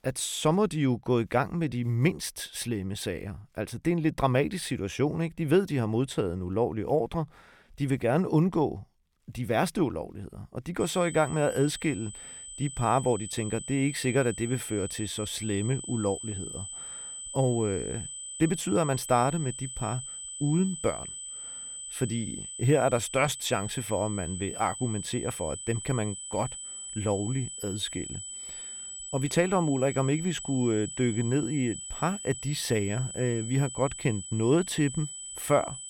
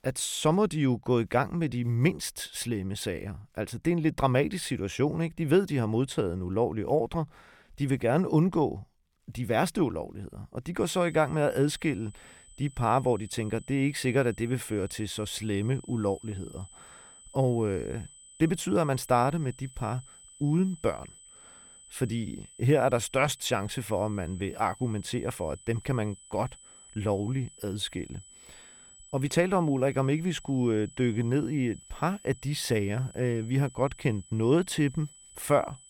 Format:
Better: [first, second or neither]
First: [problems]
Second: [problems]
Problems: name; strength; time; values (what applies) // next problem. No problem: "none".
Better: second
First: high-pitched whine; loud; from 11 s on; 8 kHz, 9 dB below the speech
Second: high-pitched whine; faint; from 11 s on; 8 kHz, 20 dB below the speech